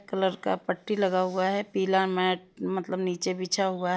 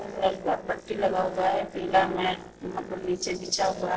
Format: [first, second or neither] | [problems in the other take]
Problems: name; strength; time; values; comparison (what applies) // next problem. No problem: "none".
first | noise reduction (neural separator model SepFormer DNS4)